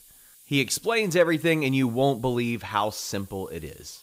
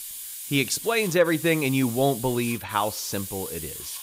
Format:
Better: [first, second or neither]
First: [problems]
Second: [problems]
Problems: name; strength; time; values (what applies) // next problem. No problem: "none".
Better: first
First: hiss; faint; throughout; 25 dB below the speech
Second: hiss; loud; throughout; 9 dB below the speech